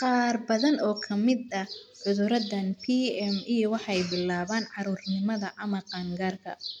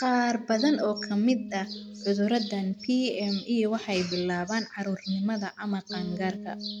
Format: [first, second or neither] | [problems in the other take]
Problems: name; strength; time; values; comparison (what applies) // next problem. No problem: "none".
first | background sound (Bass guitar); 14 dB below the speech